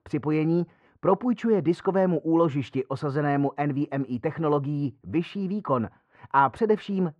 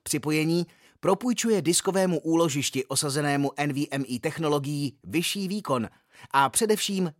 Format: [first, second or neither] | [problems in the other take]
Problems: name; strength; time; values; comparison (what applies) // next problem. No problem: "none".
second | muffled; very; fading above 1.5 kHz